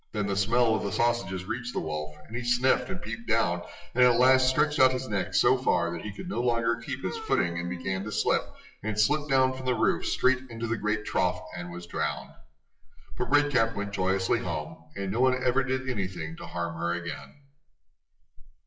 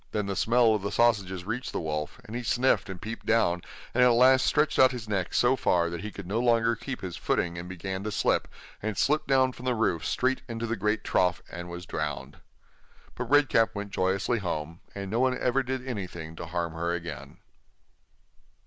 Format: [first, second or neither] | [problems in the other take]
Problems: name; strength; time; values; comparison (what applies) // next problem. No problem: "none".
second | noise reduction (classical method WPE with log-MMSE)